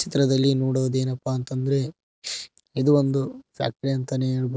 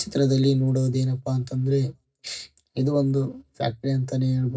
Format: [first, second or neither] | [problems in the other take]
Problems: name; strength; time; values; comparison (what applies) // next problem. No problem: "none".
first | room echo; dies away in 0.4 s